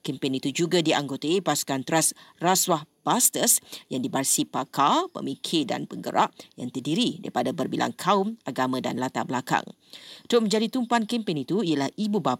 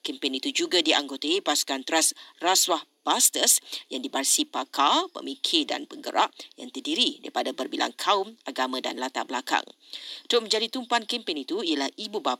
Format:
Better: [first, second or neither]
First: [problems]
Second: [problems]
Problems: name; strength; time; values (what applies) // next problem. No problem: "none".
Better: first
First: none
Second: thin; very slightly; fading below 300 Hz